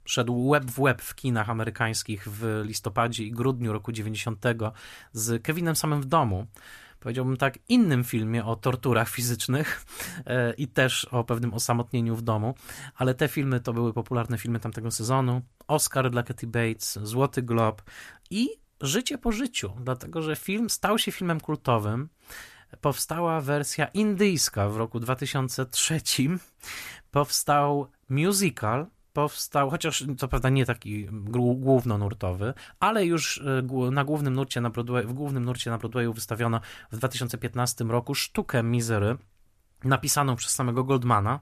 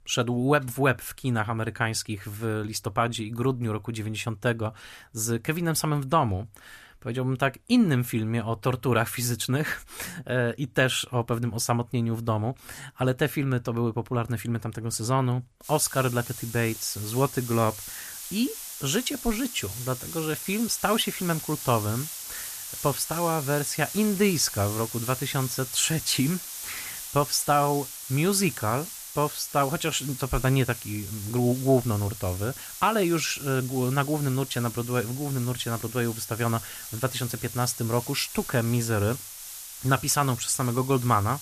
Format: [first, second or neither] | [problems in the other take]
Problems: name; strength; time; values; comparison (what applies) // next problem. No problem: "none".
first | hiss; loud; from 16 s on; 9 dB below the speech